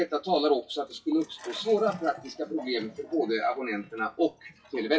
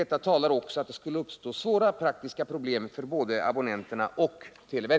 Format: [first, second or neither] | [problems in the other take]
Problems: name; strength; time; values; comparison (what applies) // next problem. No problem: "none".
second | noise reduction (classical method WPE with log-MMSE)